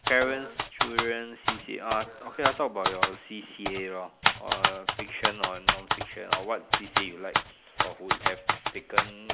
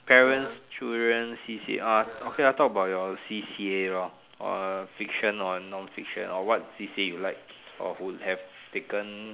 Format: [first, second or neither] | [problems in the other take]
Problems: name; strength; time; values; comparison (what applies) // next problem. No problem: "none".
second | background sound (Typewriter); 3 dB above the speech